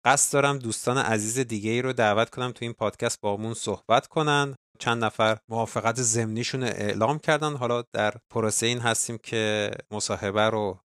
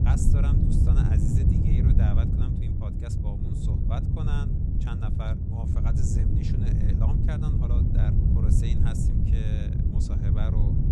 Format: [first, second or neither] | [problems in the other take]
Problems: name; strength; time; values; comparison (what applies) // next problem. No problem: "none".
first | wind noise on the microphone; heavy; 5 dB above the speech